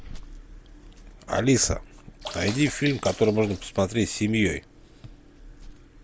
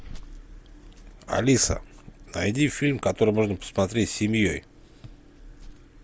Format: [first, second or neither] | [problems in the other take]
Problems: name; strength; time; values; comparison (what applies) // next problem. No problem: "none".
second | background sound (Sink (filling or washing) / Water / Splash, splatter); 14 dB below the speech